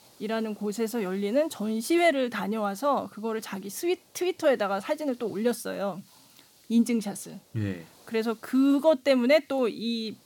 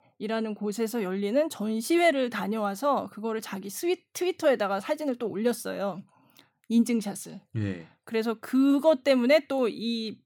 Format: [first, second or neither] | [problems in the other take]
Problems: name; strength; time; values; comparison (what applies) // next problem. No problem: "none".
second | hiss; faint; throughout; 30 dB below the speech